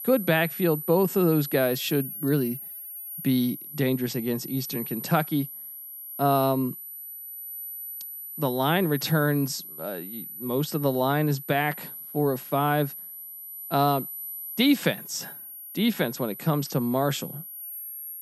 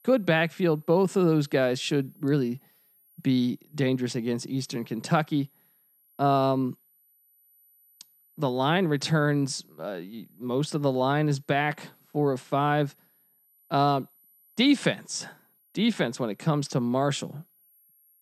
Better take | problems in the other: second | high-pitched whine; loud; throughout; 12 kHz, 10 dB below the speech; faint in the second

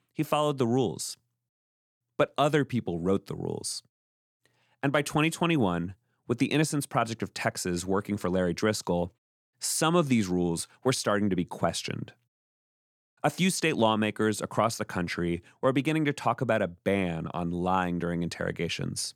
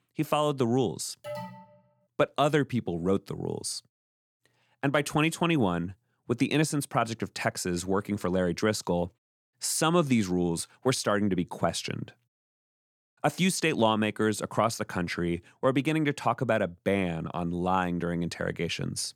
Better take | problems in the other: first | alarm; faint; at 1 s; peak 10 dB below the speech

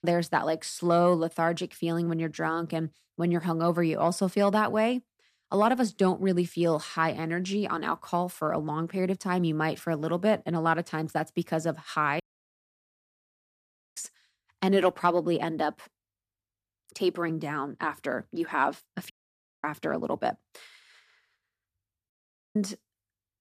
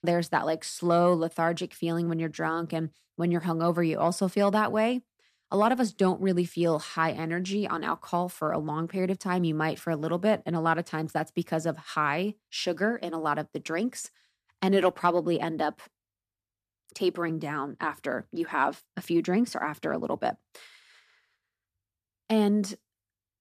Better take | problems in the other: second | audio cutting out; at 12 s for 2 s, at 19 s for 0.5 s and at 22 s

